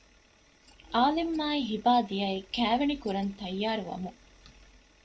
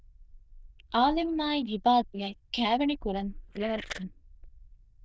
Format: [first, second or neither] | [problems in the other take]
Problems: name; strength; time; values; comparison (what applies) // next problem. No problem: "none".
first | noise reduction (neural diffusion model UNIVERSE++)